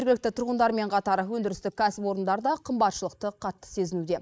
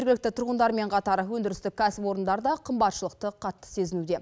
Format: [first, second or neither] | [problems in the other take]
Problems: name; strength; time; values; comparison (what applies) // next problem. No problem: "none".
second | noise reduction (neural mask model Resemble Enhance denoiser)